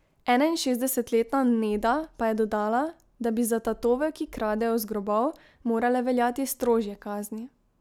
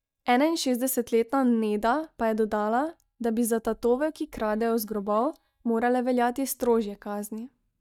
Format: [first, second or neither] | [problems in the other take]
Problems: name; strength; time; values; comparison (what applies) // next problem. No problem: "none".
first | noise reduction (neural mask model DeepFilterNet 3)